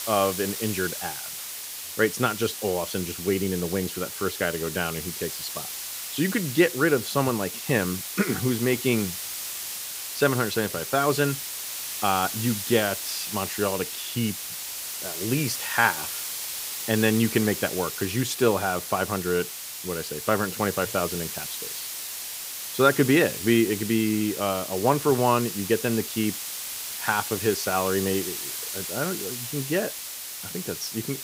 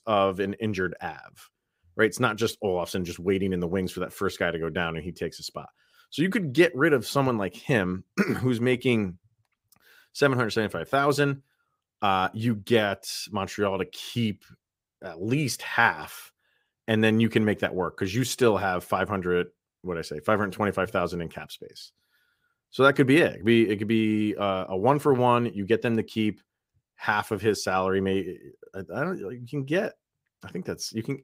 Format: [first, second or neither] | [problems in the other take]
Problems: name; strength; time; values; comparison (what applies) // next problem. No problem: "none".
second | hiss; loud; throughout; 6 dB below the speech